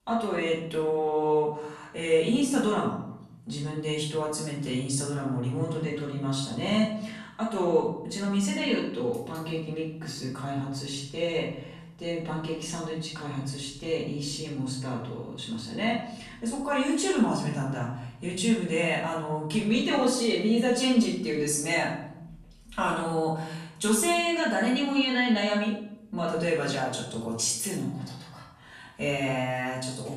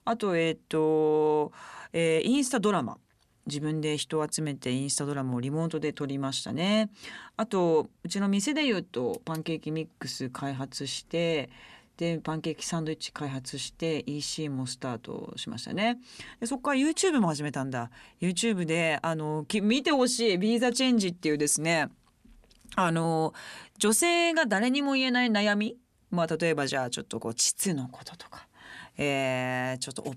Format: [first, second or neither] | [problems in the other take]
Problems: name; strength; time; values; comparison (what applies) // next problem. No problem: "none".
second | off-mic speech; far // room echo; noticeable; dies away in 0.7 s